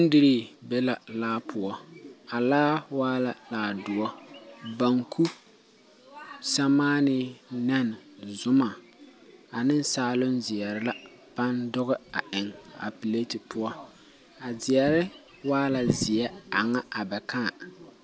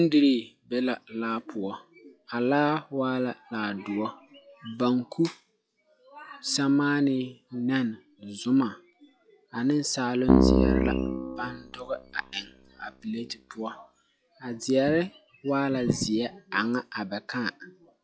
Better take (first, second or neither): first